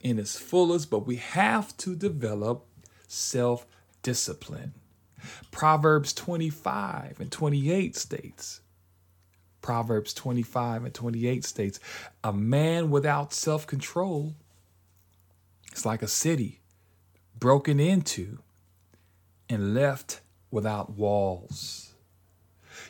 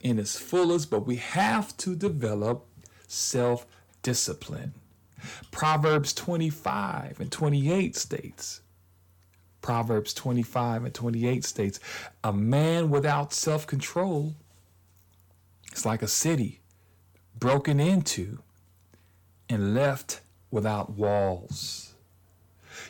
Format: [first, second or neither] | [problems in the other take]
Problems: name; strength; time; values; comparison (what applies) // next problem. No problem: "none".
first | distortion; slight; 10 dB below the speech